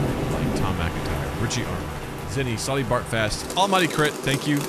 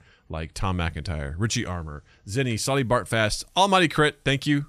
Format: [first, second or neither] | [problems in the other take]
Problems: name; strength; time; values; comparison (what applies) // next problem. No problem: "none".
second | rain or running water; loud; throughout; 5 dB below the speech